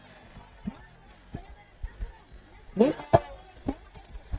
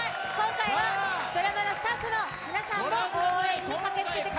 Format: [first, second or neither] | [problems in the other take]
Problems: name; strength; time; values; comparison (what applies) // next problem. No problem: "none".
second | noise reduction (neural mask model DeepFilterNet 3)